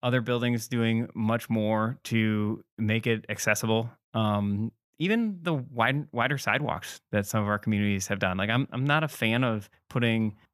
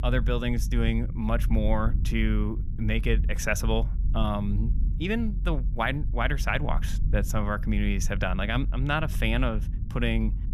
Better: first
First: none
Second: low rumble; noticeable; throughout; 15 dB below the speech

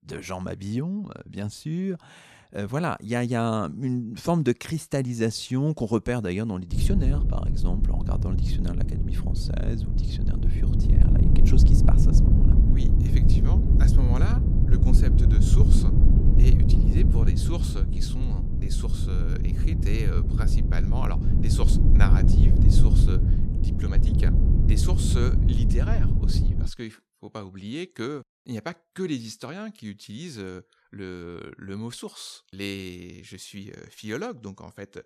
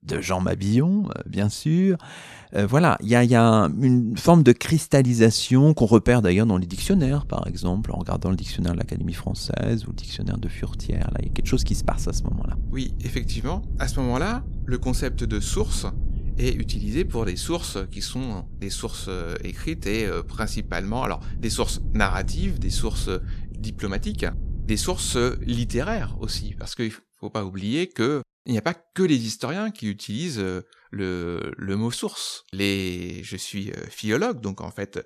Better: second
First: low rumble; loud; from 6.5 to 27 s; 2 dB below the speech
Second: low rumble; faint; from 6.5 to 27 s; 20 dB below the speech

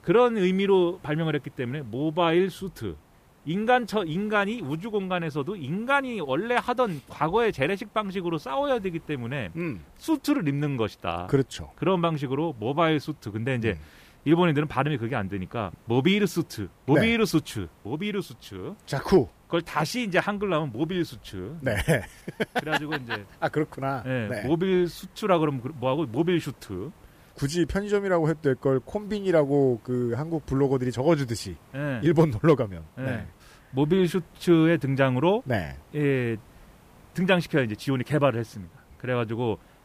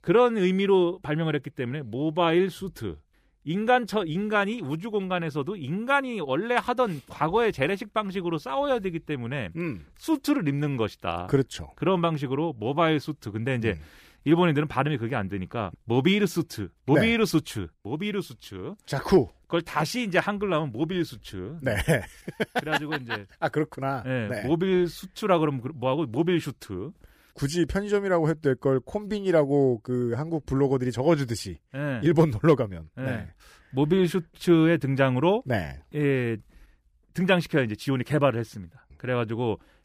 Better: second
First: hiss; faint; throughout; 30 dB below the speech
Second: none

